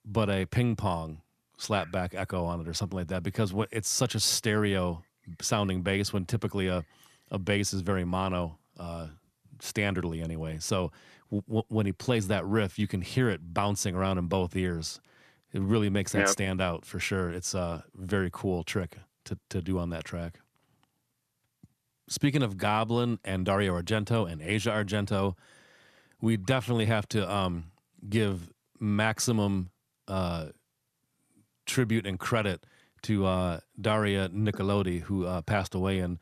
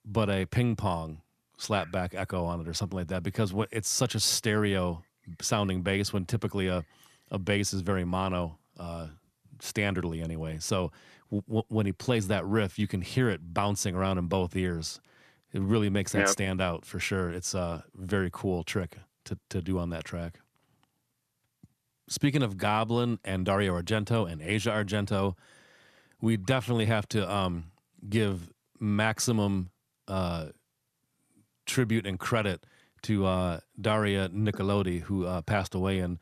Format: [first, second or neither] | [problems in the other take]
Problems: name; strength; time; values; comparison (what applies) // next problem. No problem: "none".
neither | none